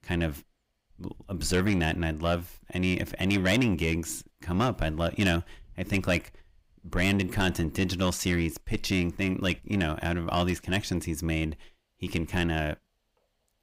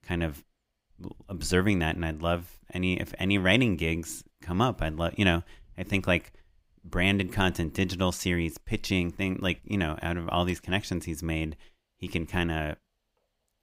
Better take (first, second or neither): second